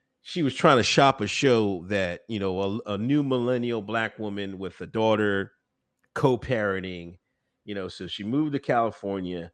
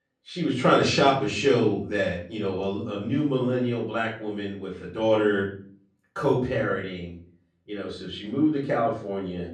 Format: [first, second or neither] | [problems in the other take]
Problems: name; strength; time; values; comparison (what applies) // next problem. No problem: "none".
first | off-mic speech; far // room echo; slight; dies away in 0.4 s